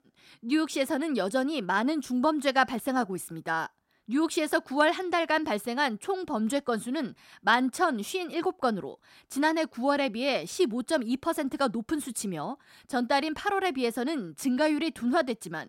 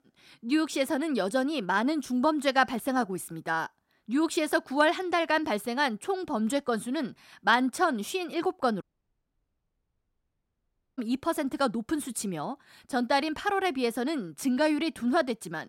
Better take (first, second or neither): first